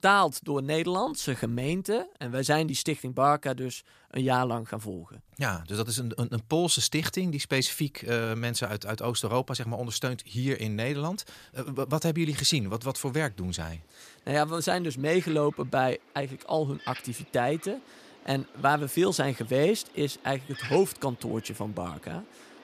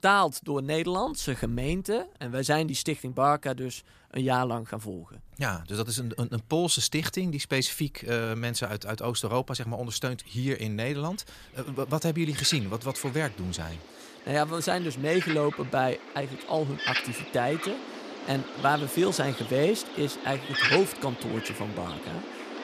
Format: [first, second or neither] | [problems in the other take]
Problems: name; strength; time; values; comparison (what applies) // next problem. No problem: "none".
first | animal sounds; loud; throughout; 6 dB below the speech; faint in the first